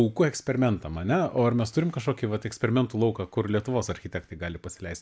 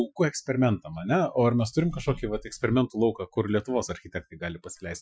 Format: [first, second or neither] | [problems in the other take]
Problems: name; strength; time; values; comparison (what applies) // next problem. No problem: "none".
first | noise reduction (classical method Wiener filter)